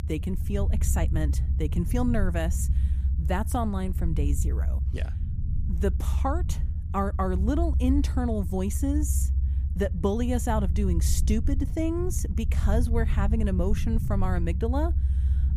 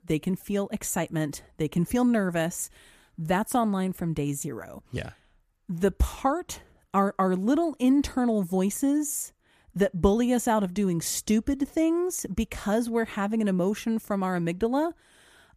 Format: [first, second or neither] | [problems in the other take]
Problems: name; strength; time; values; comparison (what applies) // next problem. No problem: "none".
second | low rumble; noticeable; throughout; 10 dB below the speech